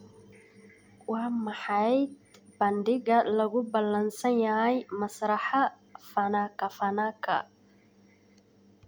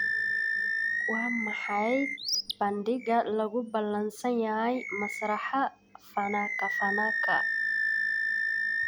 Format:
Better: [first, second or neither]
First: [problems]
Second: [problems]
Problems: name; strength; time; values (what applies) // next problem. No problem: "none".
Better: first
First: none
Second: background sound (Animal); as loud as the speech